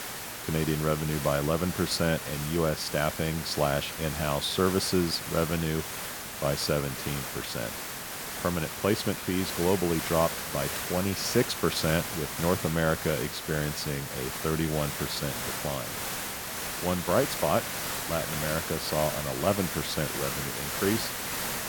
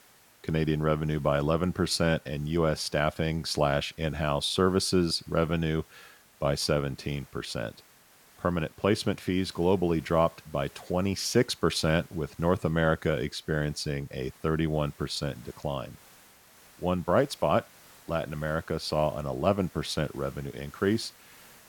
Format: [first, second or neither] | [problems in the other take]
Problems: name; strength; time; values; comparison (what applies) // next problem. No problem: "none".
second | hiss; loud; throughout; 4 dB below the speech; faint in the second